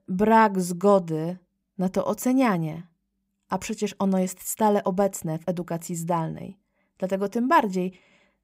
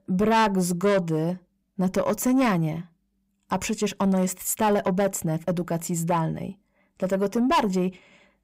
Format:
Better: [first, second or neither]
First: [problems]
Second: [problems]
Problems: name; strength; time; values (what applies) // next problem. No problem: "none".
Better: first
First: none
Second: distortion; heavy; 8 dB below the speech